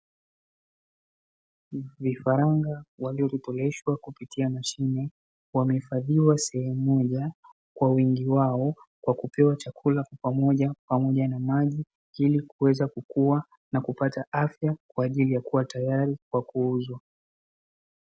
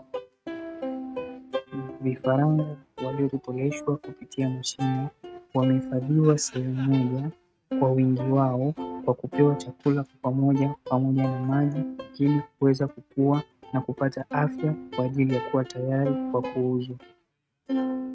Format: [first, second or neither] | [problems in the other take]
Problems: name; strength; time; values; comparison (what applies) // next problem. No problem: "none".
first | noise reduction (neural mask model RNNoise)